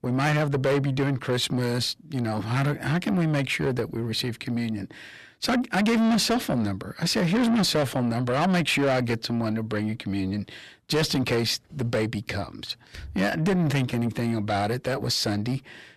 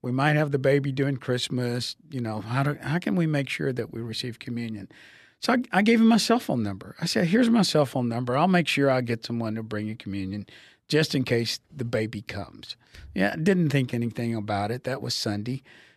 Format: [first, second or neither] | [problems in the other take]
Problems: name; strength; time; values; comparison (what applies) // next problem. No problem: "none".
second | distortion; heavy; 8 dB below the speech